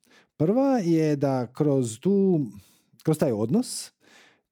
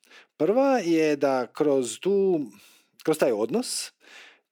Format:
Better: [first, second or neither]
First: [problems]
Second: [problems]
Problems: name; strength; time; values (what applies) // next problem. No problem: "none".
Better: first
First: none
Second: thin; somewhat; fading below 400 Hz